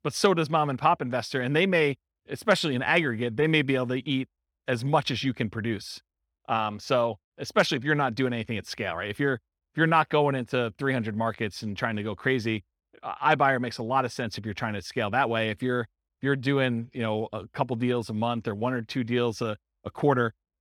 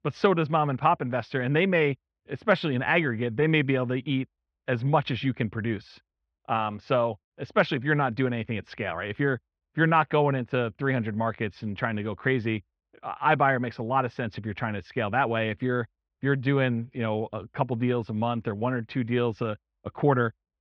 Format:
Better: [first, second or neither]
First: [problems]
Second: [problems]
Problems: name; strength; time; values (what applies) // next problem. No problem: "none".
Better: first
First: none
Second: muffled; slightly; fading above 3 kHz